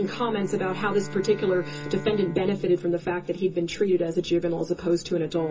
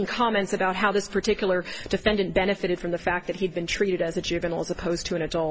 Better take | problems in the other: second | background sound (Bowed string instrument); 15 dB below the speech // room echo; dies away in 0.2 s

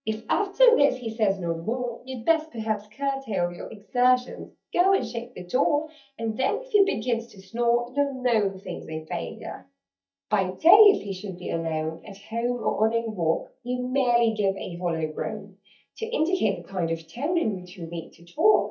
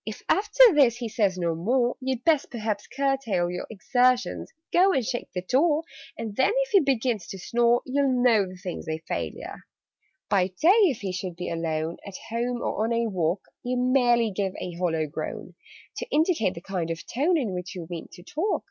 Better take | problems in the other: second | noise reduction (neural mask model DeepFilterNet 3)

